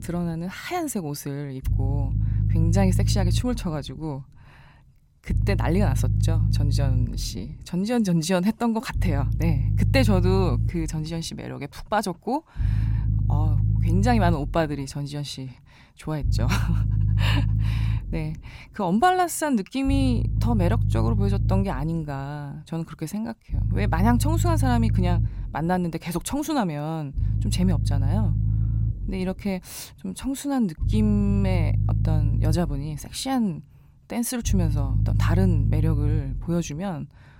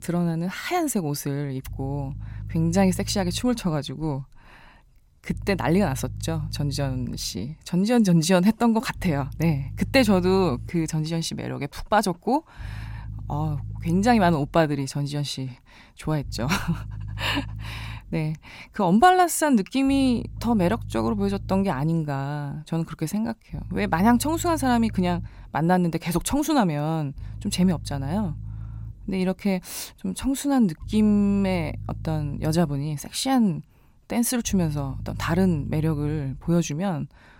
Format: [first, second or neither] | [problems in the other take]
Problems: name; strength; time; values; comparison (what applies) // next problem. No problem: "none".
second | low rumble; loud; throughout; 9 dB below the speech; faint in the second